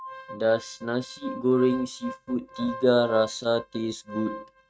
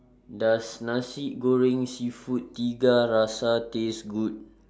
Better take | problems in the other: second | noise reduction (neural mask model RNNoise)

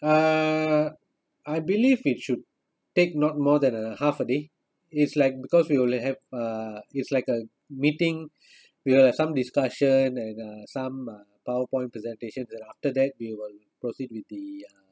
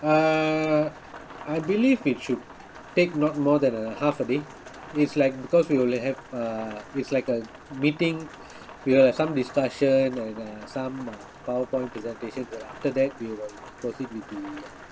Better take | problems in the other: first | background sound (Rain); 18 dB below the speech

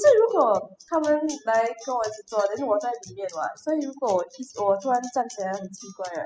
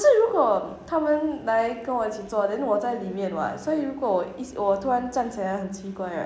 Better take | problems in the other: second | noise reduction (classical method spectral subtraction)

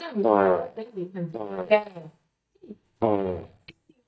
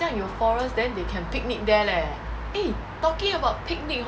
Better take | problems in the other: second | noise reduction (neural mask model DeepFilterNet 3)

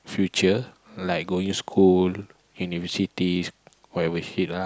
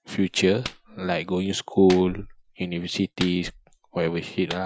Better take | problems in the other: first | noise reduction (classical method Wiener filter)

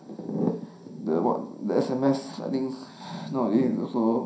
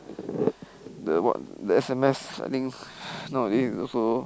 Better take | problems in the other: second | room echo; dies away in 0.5 s

